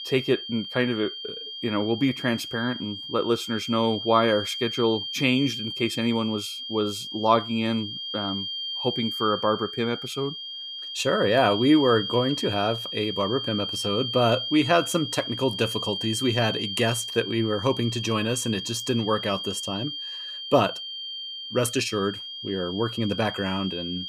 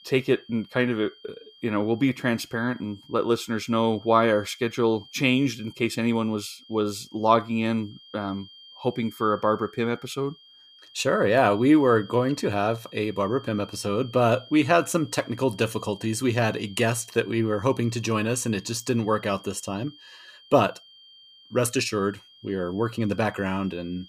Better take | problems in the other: second | high-pitched whine; loud; throughout; 3 kHz, 6 dB below the speech; faint in the second

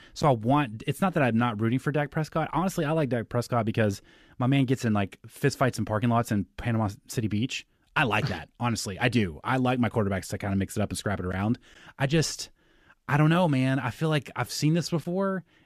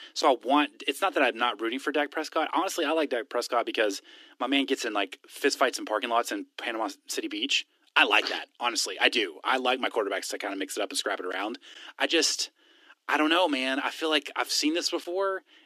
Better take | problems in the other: first | thin; somewhat; fading below 300 Hz

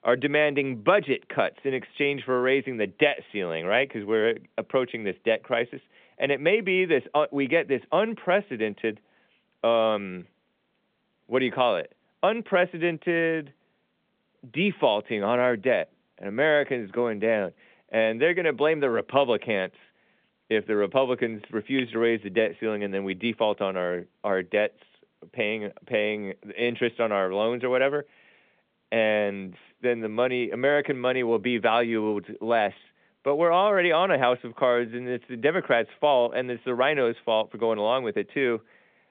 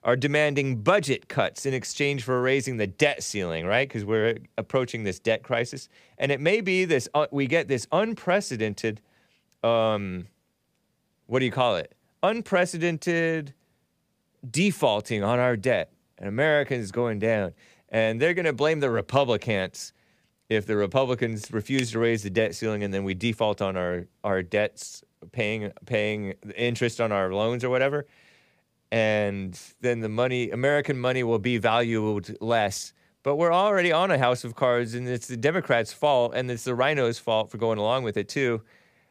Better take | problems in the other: second | phone-call audio; nothing above 3.5 kHz

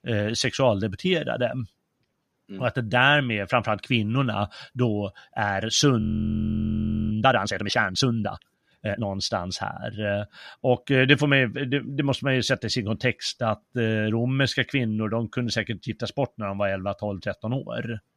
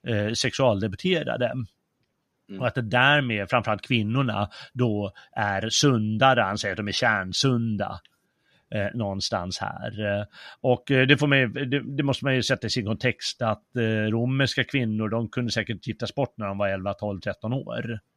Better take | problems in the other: second | audio freezing; at 6 s for 1 s

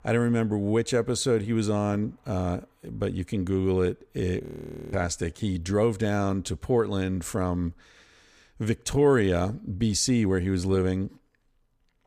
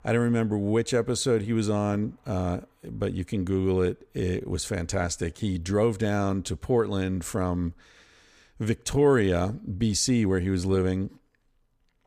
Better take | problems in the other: second | audio freezing; at 4.5 s for 0.5 s

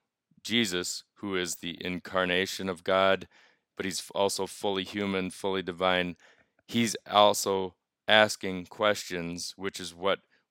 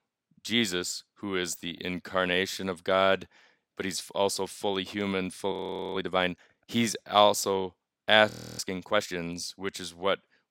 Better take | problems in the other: first | audio freezing; at 5.5 s and at 8.5 s

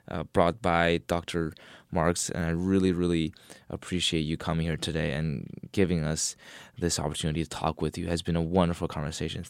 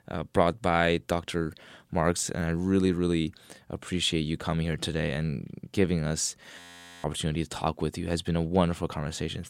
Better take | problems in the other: first | audio freezing; at 6.5 s

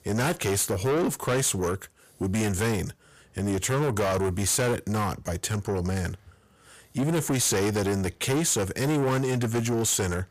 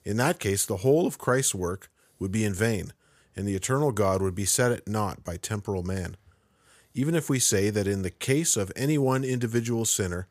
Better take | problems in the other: second | distortion; heavy; 7 dB below the speech

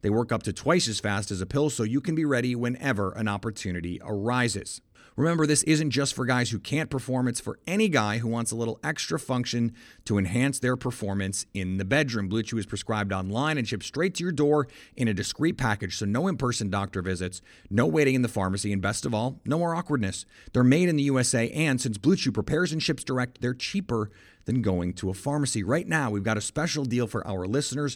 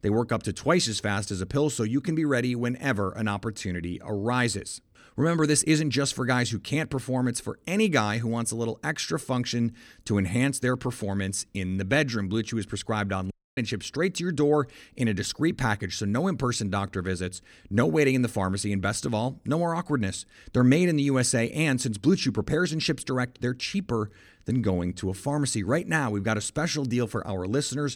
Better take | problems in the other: first | audio cutting out; at 13 s

